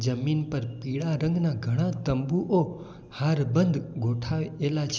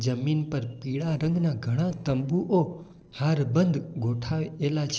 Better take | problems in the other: first | noise reduction (neural separator model SepFormer DNS4)

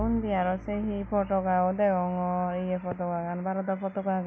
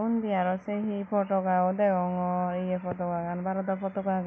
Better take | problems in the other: second | background sound (Bowed string instrument); 16 dB below the speech

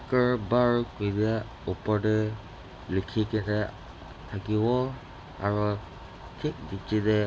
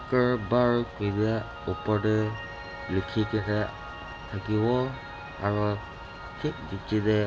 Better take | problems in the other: first | background sound (Piano); 14 dB below the speech

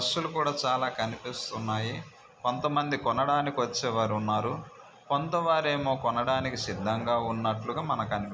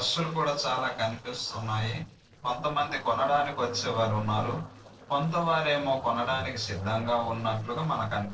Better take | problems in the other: first | noise reduction (neural separator model SepFormer DNS4)

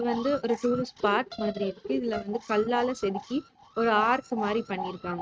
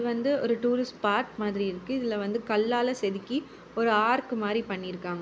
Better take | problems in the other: second | noise reduction (neural mask model RNNoise)

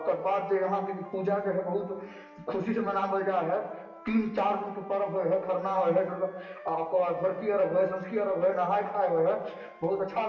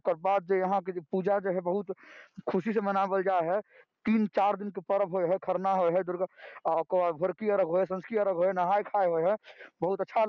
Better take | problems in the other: second | background sound (Wind instrument, woodwind instrument); 20 dB below the speech // room echo; dies away in 1 s

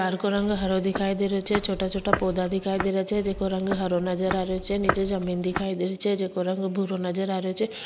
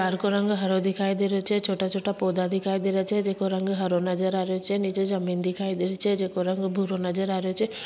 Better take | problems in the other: second | background sound (Walk, footsteps); 7 dB below the speech

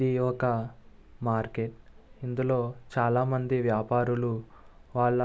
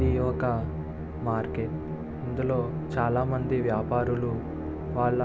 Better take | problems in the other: first | background sound (Musical instrument); 3 dB below the speech

